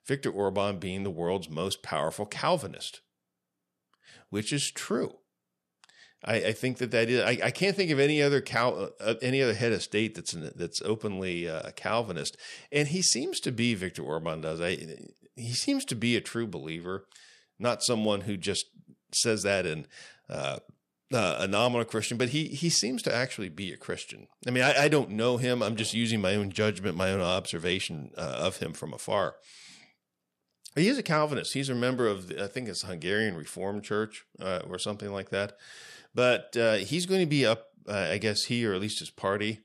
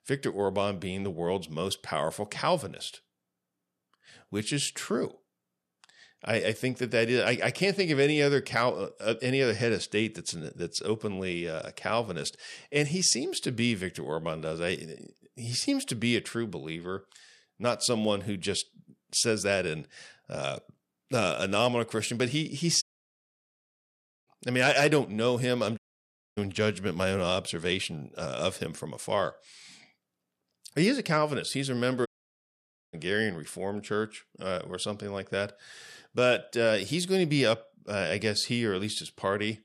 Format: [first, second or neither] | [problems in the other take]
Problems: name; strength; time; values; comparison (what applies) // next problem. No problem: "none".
first | audio cutting out; at 23 s for 1.5 s, at 26 s for 0.5 s and at 32 s for 1 s